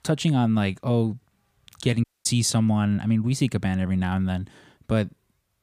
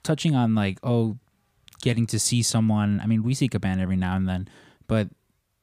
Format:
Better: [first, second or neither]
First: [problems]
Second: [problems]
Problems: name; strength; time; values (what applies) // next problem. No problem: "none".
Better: second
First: audio cutting out; at 2 s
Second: none